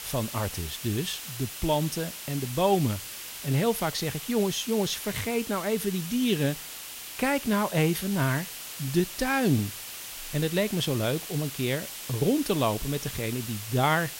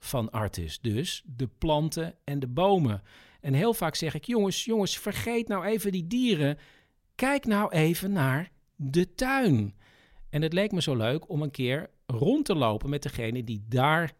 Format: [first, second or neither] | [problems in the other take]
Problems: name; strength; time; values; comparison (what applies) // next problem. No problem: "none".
second | hiss; loud; throughout; 8 dB below the speech